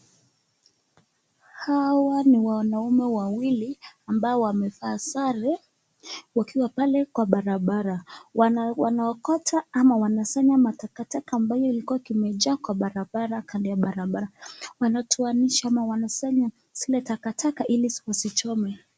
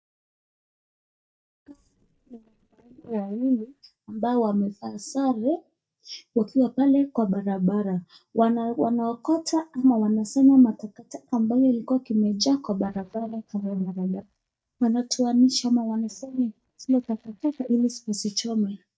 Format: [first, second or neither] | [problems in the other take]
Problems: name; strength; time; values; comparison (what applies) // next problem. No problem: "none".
first | noise reduction (neural mask model DeepFilterNet 3)